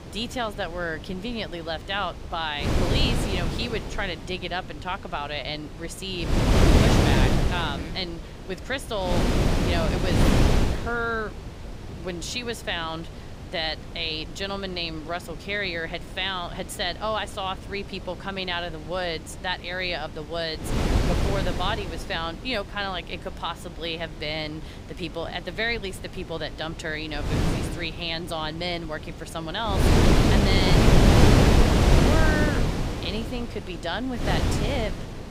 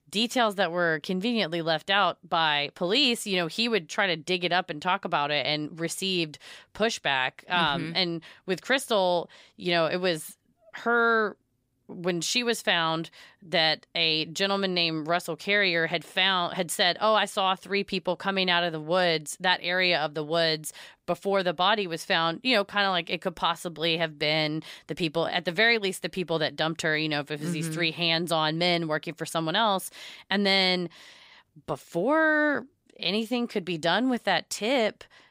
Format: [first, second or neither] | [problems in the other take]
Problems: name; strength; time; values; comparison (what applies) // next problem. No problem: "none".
second | wind noise on the microphone; heavy; 2 dB above the speech